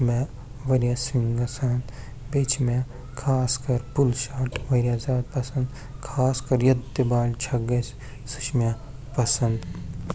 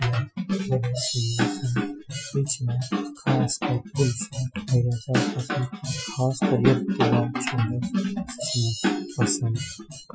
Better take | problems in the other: first | noise reduction (classical method Wiener filter)

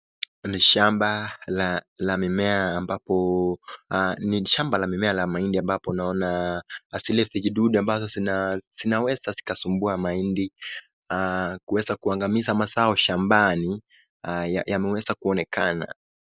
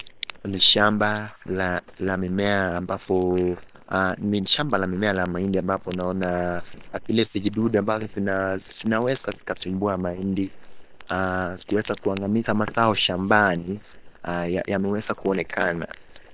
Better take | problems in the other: first | noise reduction (neural separator model SepFormer WHAM!)

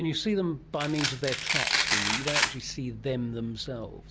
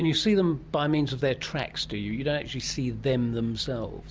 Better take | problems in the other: second | background sound (Domestic sounds, home sounds); 3 dB above the speech

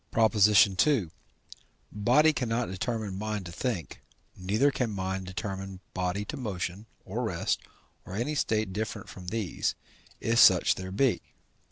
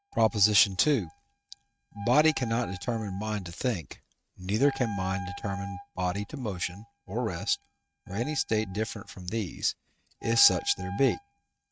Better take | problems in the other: first | noise reduction (neural mask model RNNoise)

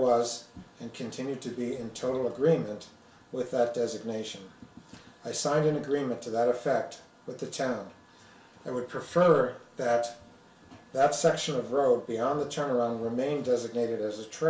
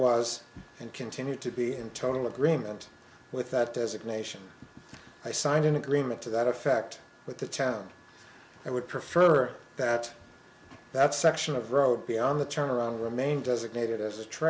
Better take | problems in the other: second | room echo; dies away in 0.3 s

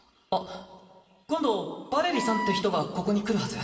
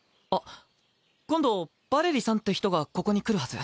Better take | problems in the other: second | background sound (Wind instrument, woodwind instrument); 4 dB below the speech // room echo; dies away in 2 s

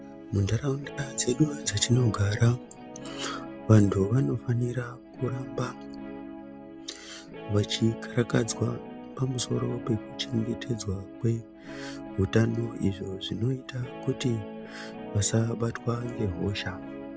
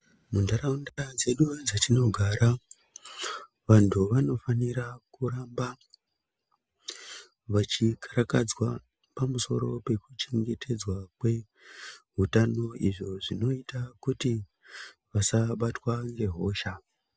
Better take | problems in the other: second | background sound (Guitar); 12 dB below the speech

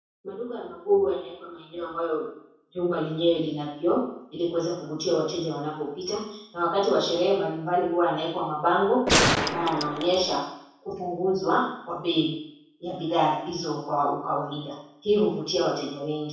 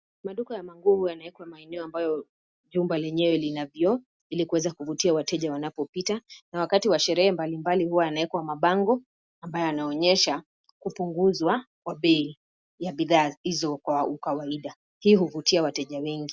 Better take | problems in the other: second | background sound (Gunshot, gunfire); 2 dB above the speech // room echo; dies away in 0.7 s

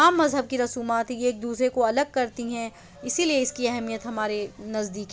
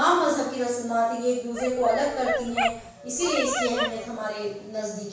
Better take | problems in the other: first | background sound (Dog); 4 dB below the speech // room echo; dies away in 0.7 s

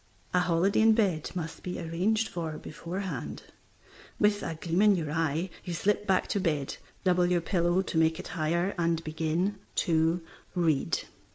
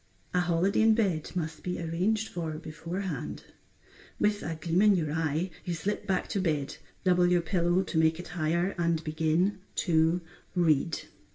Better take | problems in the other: first | room echo; dies away in 0.1 s

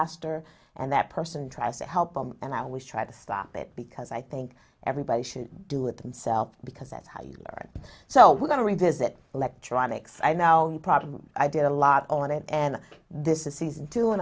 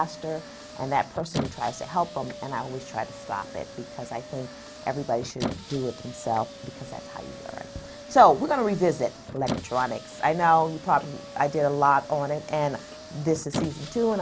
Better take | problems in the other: first | background sound (Squeak); 12 dB below the speech

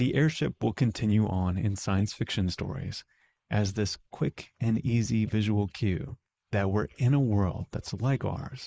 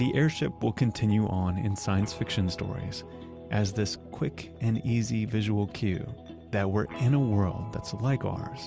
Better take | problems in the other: second | noise reduction (neural mask model Resemble Enhance denoiser)

